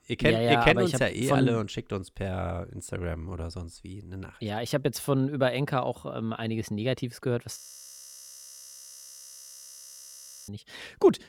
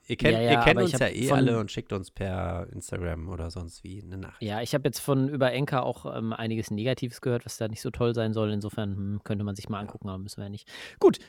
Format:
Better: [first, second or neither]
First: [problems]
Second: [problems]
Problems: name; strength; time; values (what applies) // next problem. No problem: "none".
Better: second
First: audio freezing; at 7.5 s for 3 s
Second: none